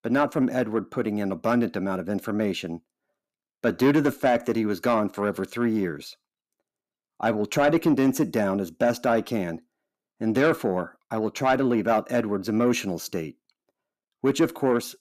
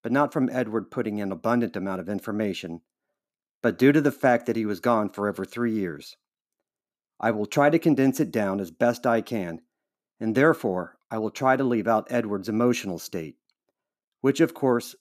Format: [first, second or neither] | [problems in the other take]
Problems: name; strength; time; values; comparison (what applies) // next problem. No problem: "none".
second | distortion; slight; 10 dB below the speech